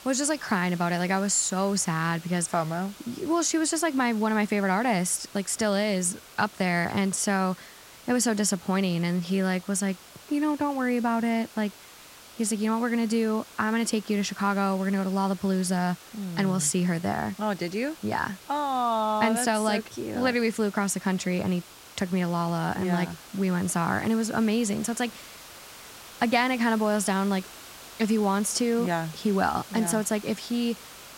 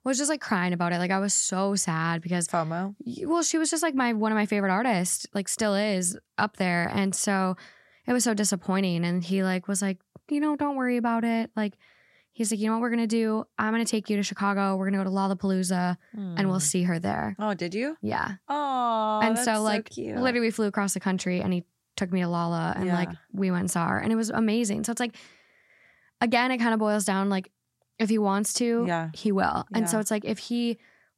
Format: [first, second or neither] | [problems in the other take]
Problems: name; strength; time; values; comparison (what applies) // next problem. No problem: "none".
second | hiss; noticeable; throughout; 20 dB below the speech